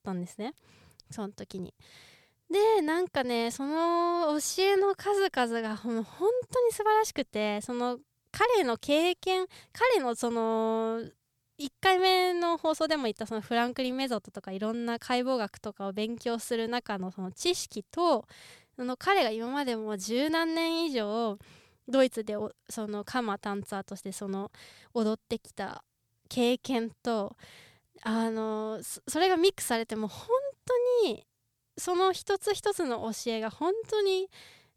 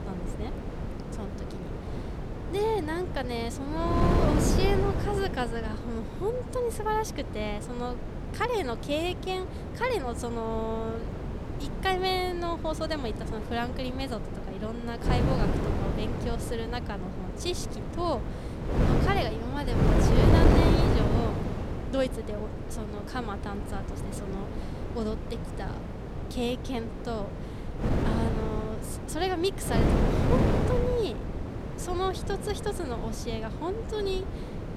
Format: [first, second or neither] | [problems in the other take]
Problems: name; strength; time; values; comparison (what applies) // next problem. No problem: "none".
first | wind noise on the microphone; heavy; 3 dB below the speech